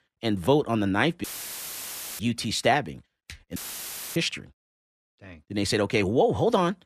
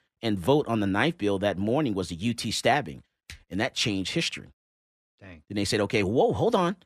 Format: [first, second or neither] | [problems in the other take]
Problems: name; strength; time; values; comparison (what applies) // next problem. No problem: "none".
second | audio cutting out; filled with static; at 1 s for 1 s and at 3.5 s for 0.5 s